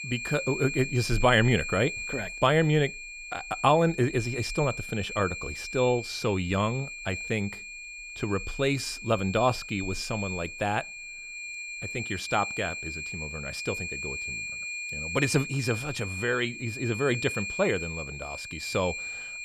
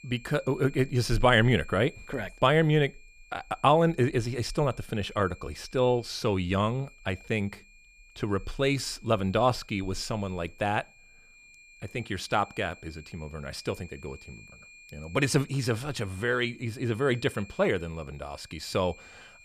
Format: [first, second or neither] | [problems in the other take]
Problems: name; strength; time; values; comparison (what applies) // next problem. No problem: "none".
second | high-pitched whine; loud; throughout; 2.5 kHz, 7 dB below the speech; faint in the second